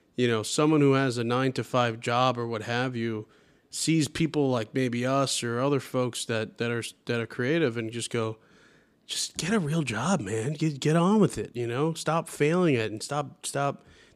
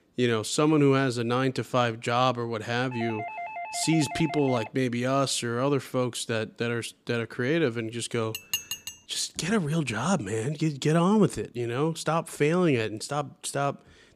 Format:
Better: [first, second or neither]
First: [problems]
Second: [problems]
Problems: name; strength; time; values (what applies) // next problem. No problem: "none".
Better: first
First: none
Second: doorbell; noticeable; from 3 to 4.5 s; peak 8 dB below the speech // clattering dishes; noticeable; at 8.5 s; peak 4 dB below the speech